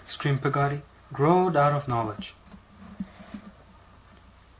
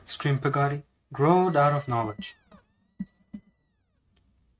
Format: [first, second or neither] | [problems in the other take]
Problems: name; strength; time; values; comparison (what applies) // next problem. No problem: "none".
first | noise reduction (neural mask model RNNoise)